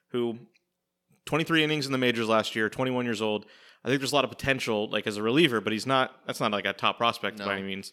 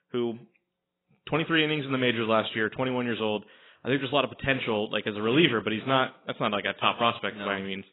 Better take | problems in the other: first | garbled, watery; badly; nothing above 3.5 kHz

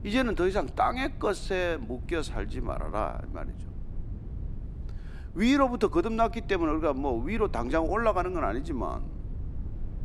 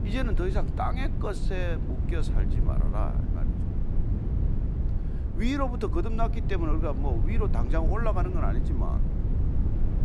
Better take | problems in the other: first | low rumble; loud; throughout; 8 dB below the speech; faint in the first

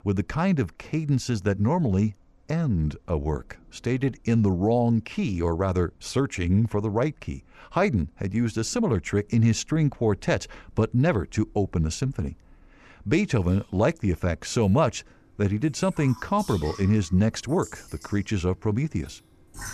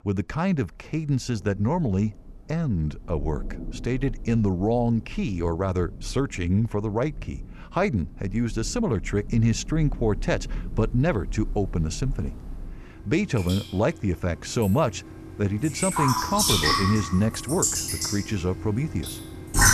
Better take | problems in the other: first | rain or running water; loud; throughout; 4 dB below the speech; faint in the first

